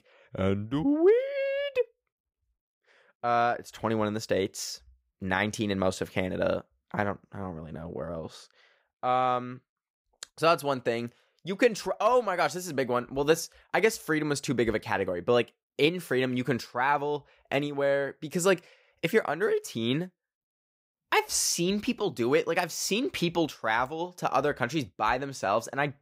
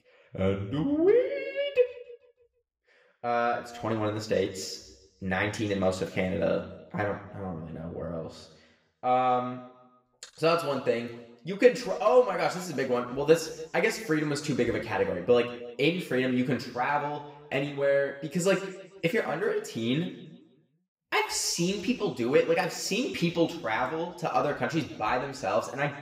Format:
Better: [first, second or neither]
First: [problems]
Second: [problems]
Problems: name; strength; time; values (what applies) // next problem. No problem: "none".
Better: first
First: none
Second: room echo; slight; dies away in 0.9 s // off-mic speech; somewhat distant